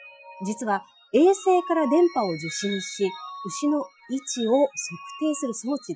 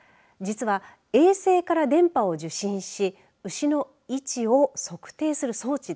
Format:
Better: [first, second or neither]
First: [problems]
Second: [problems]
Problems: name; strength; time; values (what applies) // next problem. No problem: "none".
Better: second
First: noise reduction (classical method Wiener filter)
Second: none